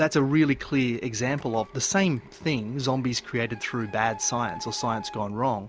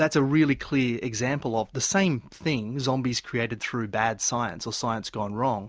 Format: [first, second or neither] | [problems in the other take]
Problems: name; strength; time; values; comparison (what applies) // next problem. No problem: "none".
second | background sound (Printer); 18 dB below the speech